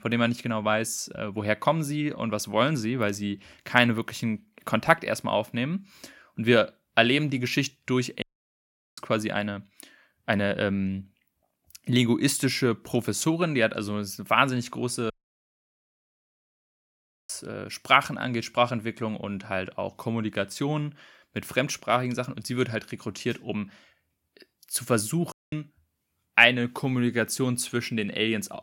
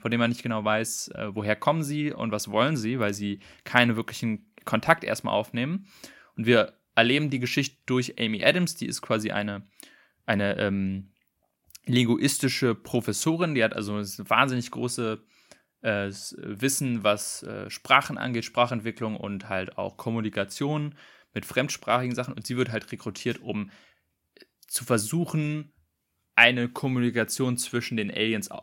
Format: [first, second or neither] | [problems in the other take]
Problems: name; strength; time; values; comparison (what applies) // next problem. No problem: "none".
second | audio cutting out; at 8 s for 1 s, at 15 s for 2 s and at 25 s